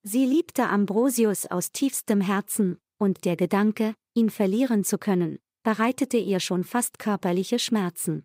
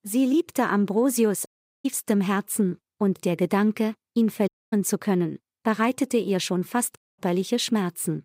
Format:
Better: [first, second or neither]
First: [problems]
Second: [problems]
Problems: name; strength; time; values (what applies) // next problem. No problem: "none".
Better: first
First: none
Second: audio cutting out; at 1.5 s, at 4.5 s and at 7 s